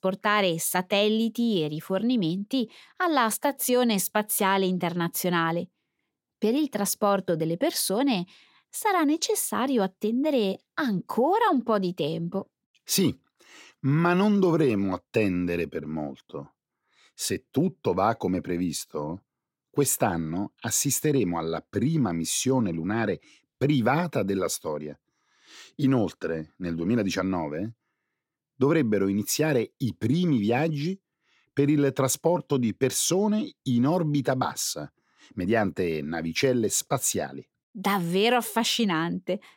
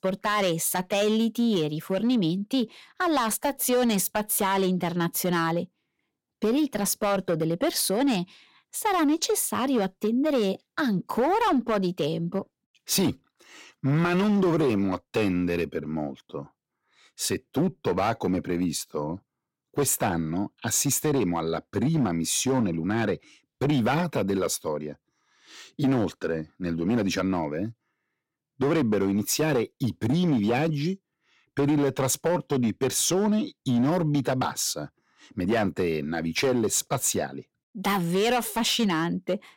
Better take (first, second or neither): first